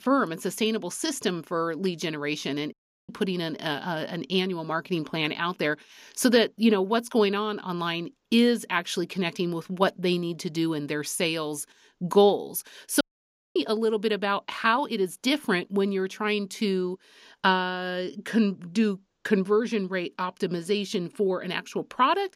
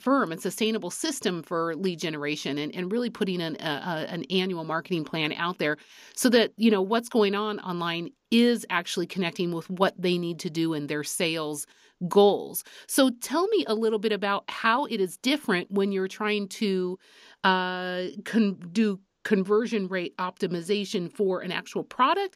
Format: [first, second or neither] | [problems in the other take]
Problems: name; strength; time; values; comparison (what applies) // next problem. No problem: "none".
second | audio cutting out; at 2.5 s and at 13 s for 0.5 s